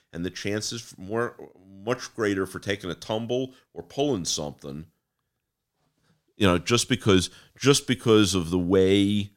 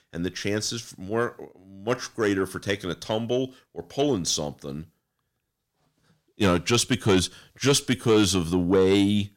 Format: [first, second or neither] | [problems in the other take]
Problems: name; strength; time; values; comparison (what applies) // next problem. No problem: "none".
first | distortion; slight; 10 dB below the speech